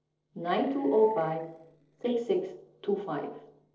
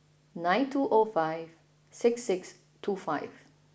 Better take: second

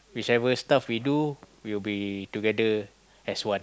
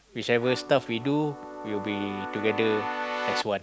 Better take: first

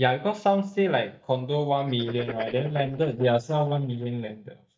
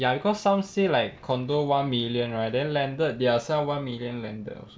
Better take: second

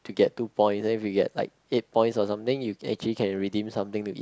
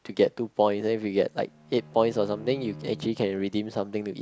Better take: first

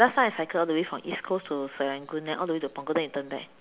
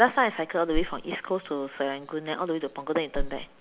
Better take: first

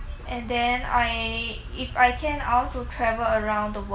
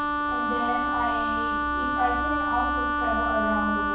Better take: first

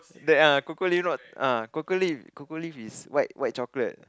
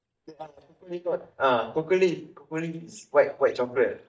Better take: first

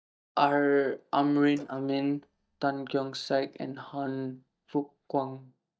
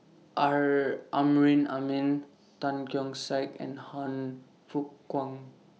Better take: second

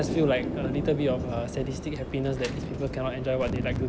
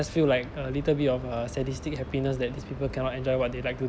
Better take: second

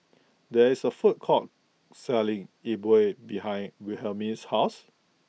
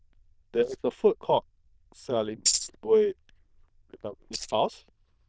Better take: first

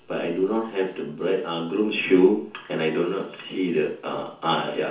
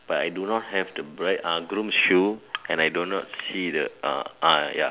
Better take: second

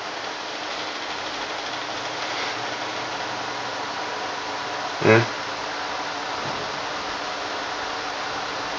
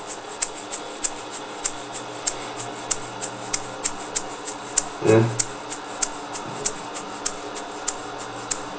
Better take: first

